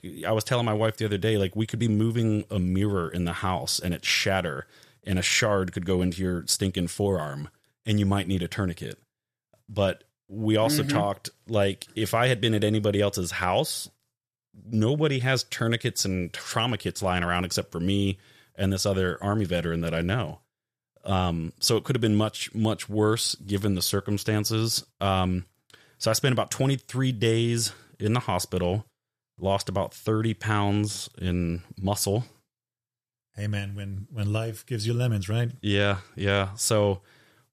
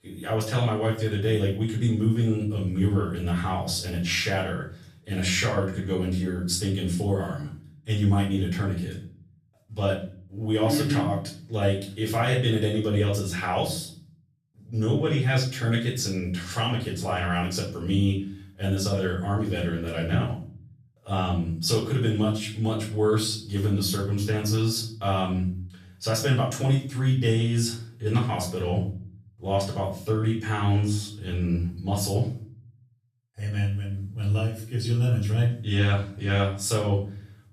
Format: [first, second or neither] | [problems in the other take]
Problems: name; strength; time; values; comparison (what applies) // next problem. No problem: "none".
first | off-mic speech; far // room echo; slight; dies away in 0.5 s